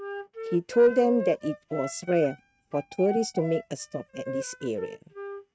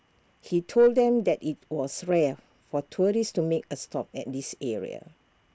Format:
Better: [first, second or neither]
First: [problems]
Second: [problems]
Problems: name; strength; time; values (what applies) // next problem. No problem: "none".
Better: second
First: noise reduction (neural mask model RNNoise)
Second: none